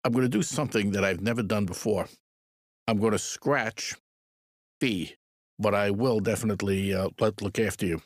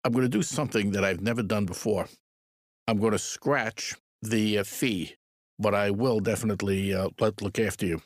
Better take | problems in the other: second | audio freezing; at 4 s for 0.5 s

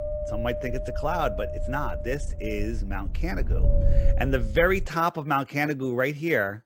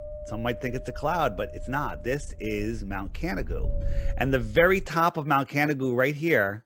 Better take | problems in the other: second | wind noise on the microphone; heavy; until 5 s; 8 dB below the speech; occasional gusts in the second

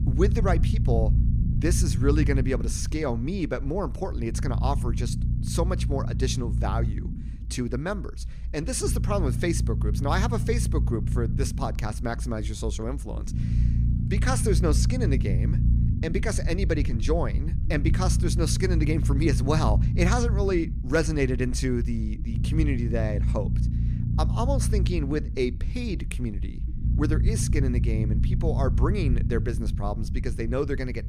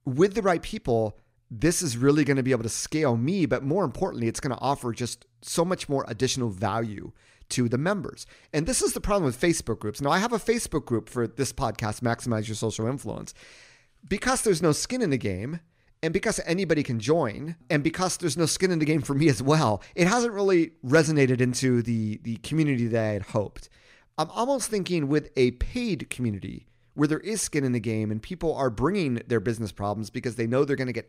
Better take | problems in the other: second | low rumble; loud; throughout; 9 dB below the speech

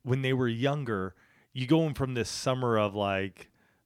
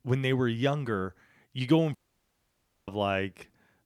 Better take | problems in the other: first | audio cutting out; at 2 s for 1 s

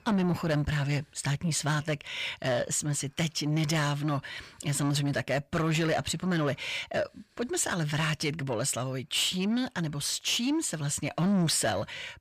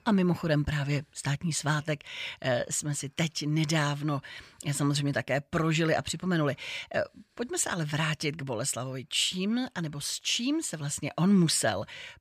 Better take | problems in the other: second | distortion; slight; 10 dB below the speech

